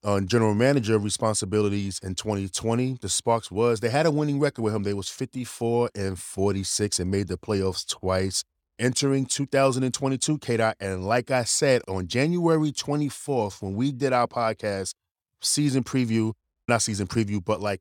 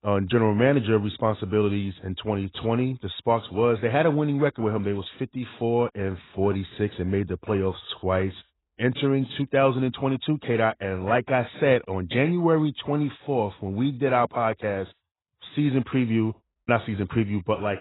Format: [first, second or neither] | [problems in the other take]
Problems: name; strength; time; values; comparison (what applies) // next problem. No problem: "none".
first | garbled, watery; badly; nothing above 4 kHz